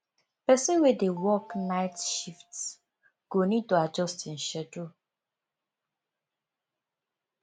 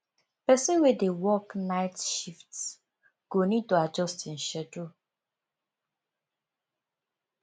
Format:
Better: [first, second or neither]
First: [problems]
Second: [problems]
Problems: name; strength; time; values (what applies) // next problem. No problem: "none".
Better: second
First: background sound (Telephone); 18 dB below the speech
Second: none